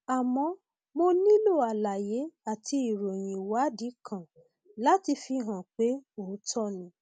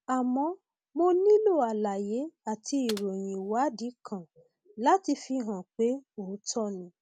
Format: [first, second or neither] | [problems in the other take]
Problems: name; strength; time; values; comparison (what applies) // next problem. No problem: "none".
first | background sound (Computer keyboard); 17 dB below the speech